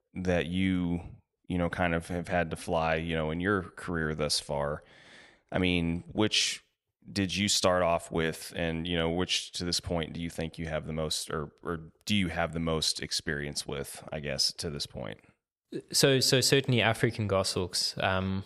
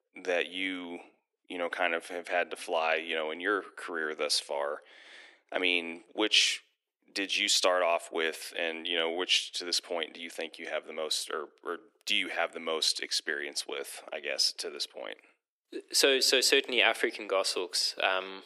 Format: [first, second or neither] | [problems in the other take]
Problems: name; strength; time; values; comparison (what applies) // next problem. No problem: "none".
first | thin; somewhat; fading below 300 Hz